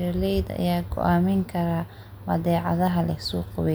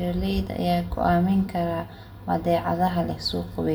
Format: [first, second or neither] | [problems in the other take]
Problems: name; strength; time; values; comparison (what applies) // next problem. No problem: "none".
first | room echo; dies away in 0.4 s